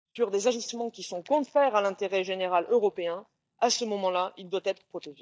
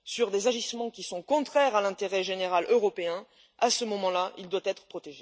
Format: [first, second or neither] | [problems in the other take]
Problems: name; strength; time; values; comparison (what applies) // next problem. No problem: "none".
second | noise reduction (neural mask model DeepFilterNet 3)